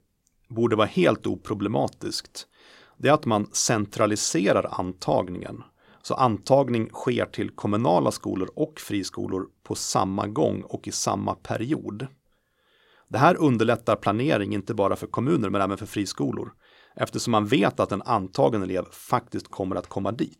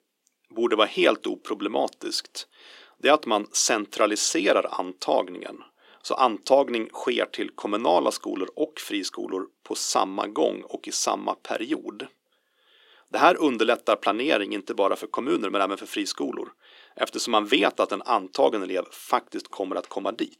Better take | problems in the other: first | thin; somewhat; fading below 300 Hz

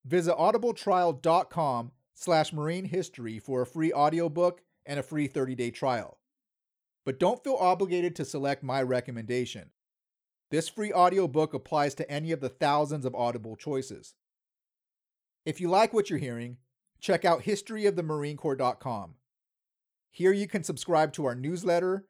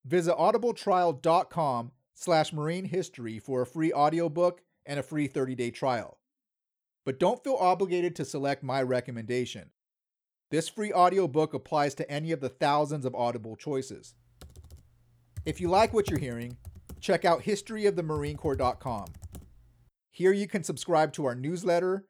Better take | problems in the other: first | keyboard typing; faint; from 14 to 19 s; peak 10 dB below the speech

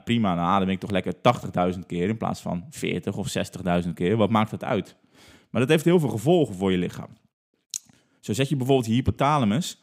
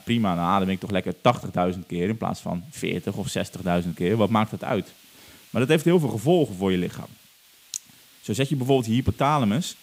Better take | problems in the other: first | hiss; faint; throughout; 25 dB below the speech

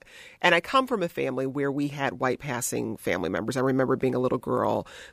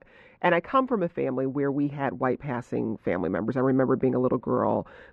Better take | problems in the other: first | muffled; very; fading above 1.5 kHz

